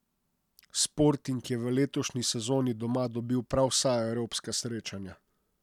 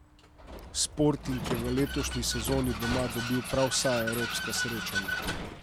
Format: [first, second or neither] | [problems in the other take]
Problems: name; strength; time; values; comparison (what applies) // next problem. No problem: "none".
first | background sound (Vehicle); 4 dB below the speech